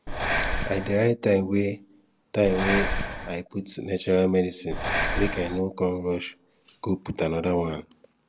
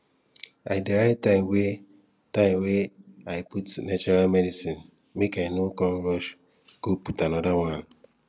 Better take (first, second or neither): second